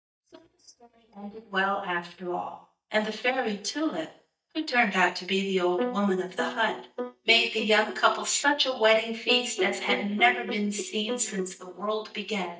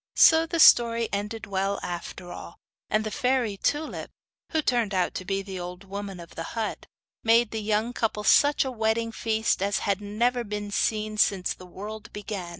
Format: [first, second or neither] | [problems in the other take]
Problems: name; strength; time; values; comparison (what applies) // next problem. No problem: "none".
second | noise reduction (neural mask model DeepFilterNet 3)